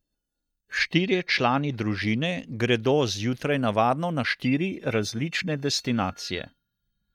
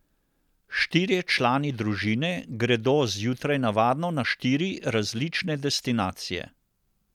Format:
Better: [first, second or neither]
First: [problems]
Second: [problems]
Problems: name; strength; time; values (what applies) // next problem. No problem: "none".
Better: second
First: noise reduction (neural mask model DeepFilterNet 3)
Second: none